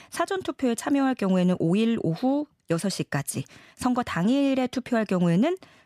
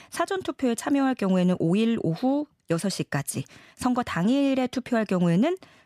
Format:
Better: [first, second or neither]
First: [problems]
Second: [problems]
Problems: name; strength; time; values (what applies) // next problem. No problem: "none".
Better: neither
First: none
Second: none